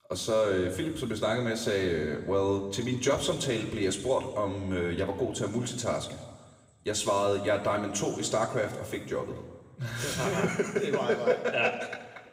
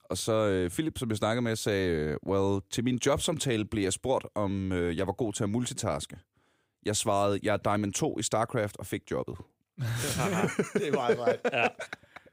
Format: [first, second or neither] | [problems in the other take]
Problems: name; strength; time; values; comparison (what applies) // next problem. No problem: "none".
second | room echo; slight; dies away in 1.4 s // off-mic speech; somewhat distant